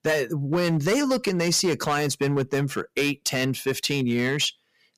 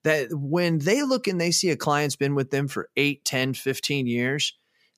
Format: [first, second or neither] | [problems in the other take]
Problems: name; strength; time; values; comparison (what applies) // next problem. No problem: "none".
second | distortion; slight; 8% of the sound clipped